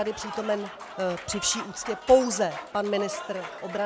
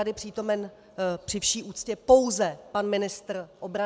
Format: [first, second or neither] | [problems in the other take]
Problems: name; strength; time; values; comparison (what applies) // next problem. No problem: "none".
second | background sound (Applause / Crowd); 11 dB below the speech